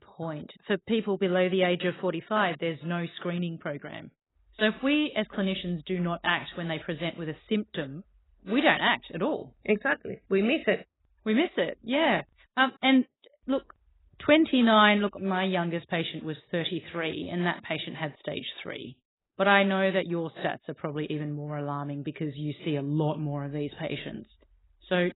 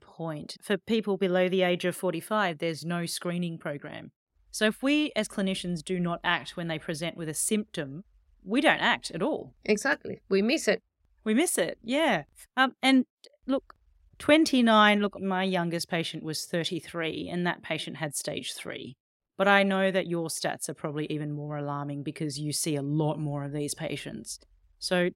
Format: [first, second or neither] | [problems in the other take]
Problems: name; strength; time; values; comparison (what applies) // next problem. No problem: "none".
second | garbled, watery; badly; nothing above 4 kHz